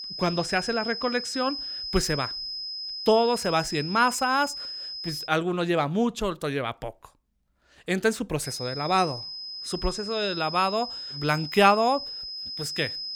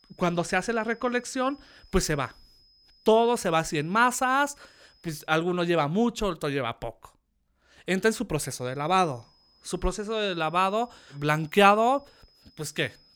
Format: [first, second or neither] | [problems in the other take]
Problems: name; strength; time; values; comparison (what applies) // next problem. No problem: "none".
second | high-pitched whine; loud; until 5.5 s and from 8.5 s on; 5 kHz, 7 dB below the speech; faint in the second